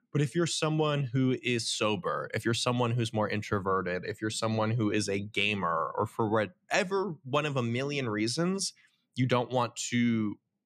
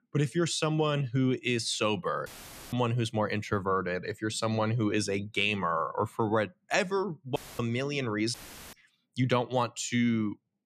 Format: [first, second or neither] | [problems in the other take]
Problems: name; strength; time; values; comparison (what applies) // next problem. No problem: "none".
first | audio cutting out; filled with static; at 2.5 s, at 7.5 s and at 8.5 s